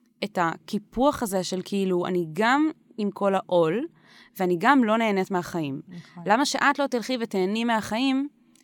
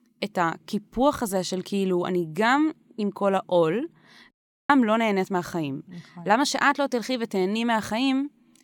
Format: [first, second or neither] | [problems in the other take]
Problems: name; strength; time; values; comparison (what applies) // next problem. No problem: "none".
first | audio cutting out; at 4.5 s